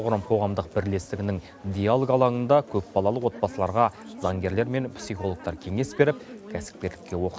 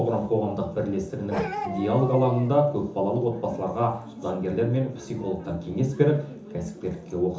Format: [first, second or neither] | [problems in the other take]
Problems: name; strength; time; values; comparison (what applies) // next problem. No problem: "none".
first | background sound (Bark); 9 dB below the speech // room echo; dies away in 0.7 s